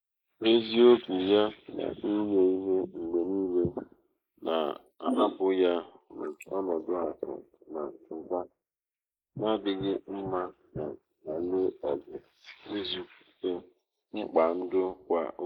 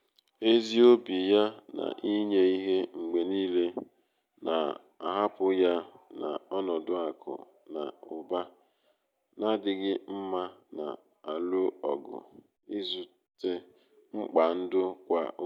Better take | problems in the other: second | noise reduction (neural mask model Resemble Enhance denoiser)

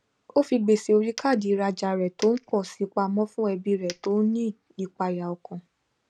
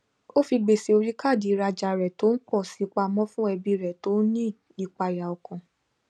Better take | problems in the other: second | background sound (Coin (dropping)); 18 dB below the speech

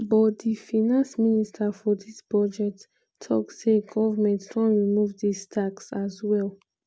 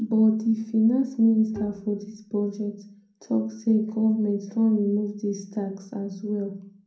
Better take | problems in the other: first | background sound (Bowed string instrument); 18 dB below the speech // room echo; dies away in 0.5 s

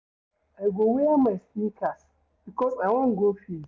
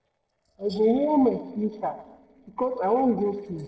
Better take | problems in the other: first | noise reduction (neural separator model SepFormer DNS4)

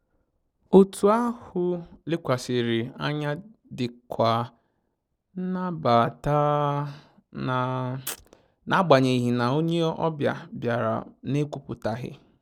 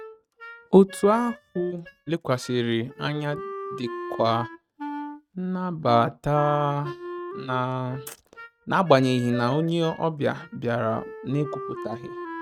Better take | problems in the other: first | noise reduction (neural mask model RNNoise)

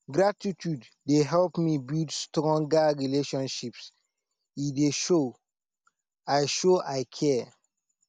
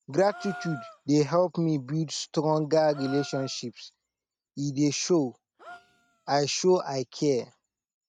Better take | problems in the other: first | noise reduction (neural mask model RNNoise)

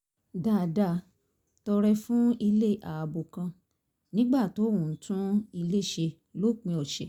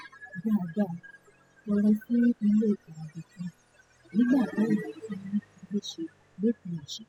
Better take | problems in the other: first | noise reduction (classical method spectral subtraction)

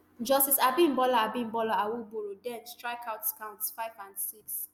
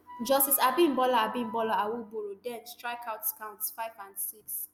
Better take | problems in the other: first | background sound (Wind instrument, woodwind instrument); 16 dB below the speech

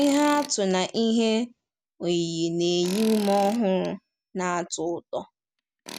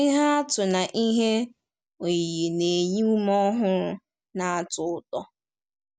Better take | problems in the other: second | background sound (Tools); 18 dB below the speech

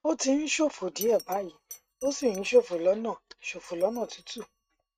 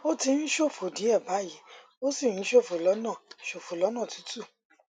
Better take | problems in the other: second | noise reduction (neural mask model RNNoise)

